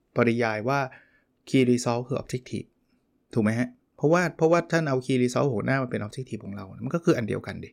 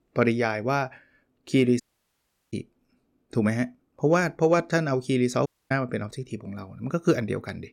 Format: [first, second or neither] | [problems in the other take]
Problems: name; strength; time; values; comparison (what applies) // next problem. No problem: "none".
first | audio cutting out; at 2 s for 0.5 s and at 5.5 s